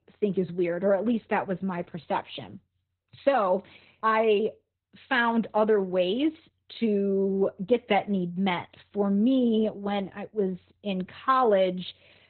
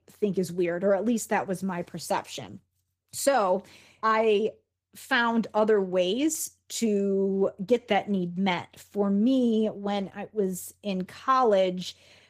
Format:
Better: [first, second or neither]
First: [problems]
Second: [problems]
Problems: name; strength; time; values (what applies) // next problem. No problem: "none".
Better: second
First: garbled, watery; badly; nothing above 4 kHz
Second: garbled, watery; slightly; nothing above 15 kHz